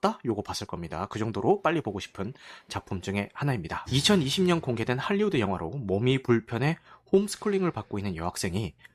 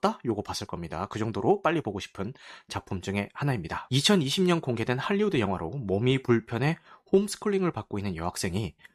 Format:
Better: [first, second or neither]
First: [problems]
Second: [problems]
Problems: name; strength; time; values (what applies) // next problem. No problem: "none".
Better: second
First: rain or running water; noticeable; throughout; 20 dB below the speech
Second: none